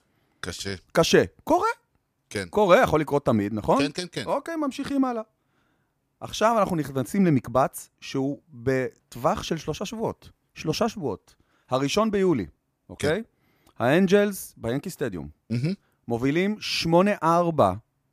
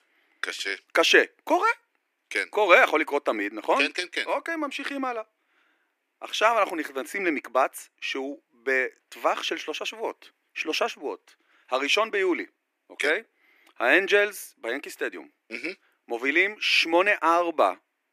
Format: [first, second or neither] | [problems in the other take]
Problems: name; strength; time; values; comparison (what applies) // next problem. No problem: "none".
first | thin; somewhat; fading below 300 Hz